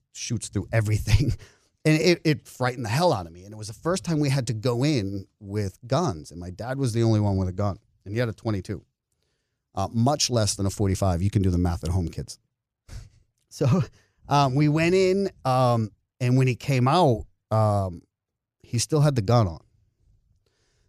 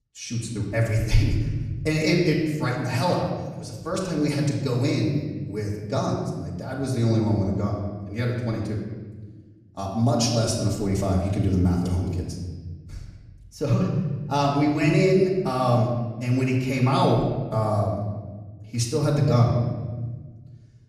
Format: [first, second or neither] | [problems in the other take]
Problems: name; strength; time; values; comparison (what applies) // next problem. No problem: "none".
first | off-mic speech; far // room echo; noticeable; dies away in 1.3 s